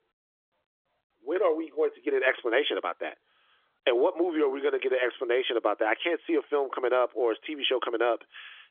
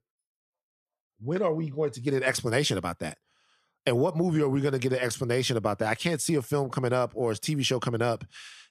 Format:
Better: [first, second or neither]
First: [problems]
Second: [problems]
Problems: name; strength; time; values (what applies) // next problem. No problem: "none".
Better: second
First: phone-call audio; nothing above 3.5 kHz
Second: none